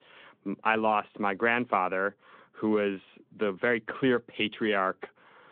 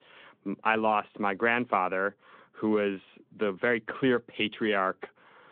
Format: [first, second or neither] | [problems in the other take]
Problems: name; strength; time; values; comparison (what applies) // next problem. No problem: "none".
neither | phone-call audio; the same in both